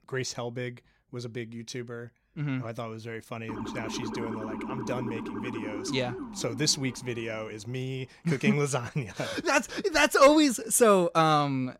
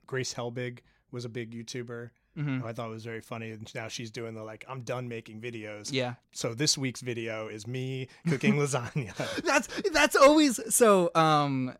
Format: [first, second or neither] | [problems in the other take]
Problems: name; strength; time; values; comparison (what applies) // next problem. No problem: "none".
second | siren; noticeable; from 3.5 to 7.5 s; peak 8 dB below the speech